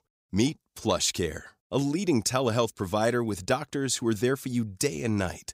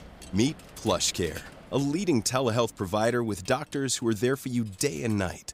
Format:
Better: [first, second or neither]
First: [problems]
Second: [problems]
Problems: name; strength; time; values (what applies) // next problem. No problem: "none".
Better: first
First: none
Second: household noises; faint; throughout; 20 dB below the speech